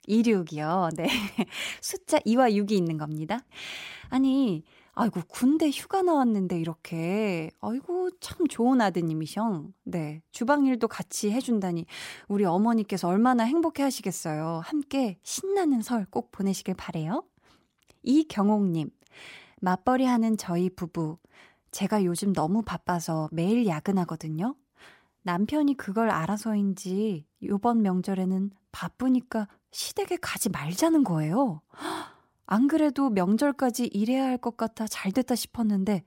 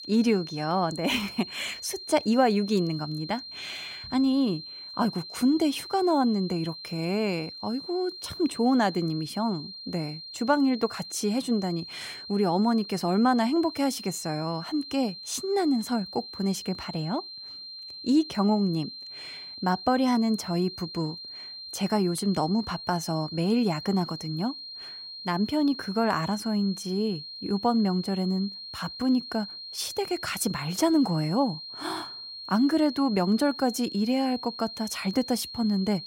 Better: first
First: none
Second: high-pitched whine; noticeable; throughout; 4 kHz, 10 dB below the speech

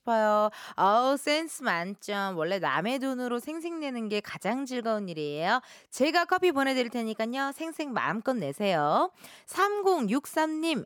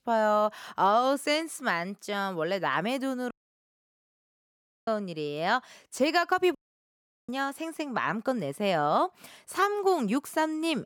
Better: first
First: none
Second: audio cutting out; at 3.5 s for 1.5 s and at 6.5 s for 0.5 s

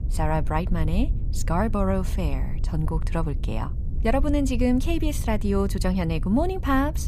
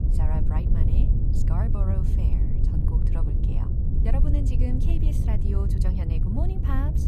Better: first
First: wind noise on the microphone; occasional gusts; 15 dB below the speech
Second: wind noise on the microphone; heavy; as loud as the speech

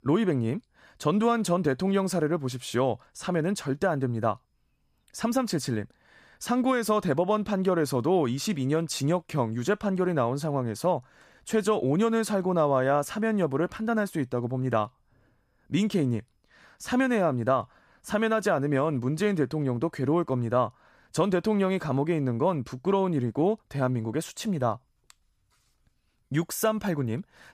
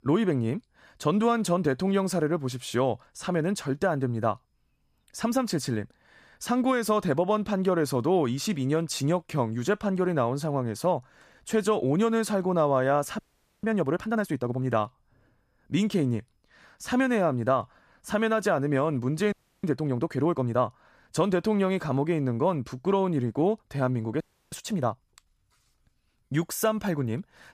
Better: first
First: none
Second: audio freezing; at 13 s, at 19 s and at 24 s

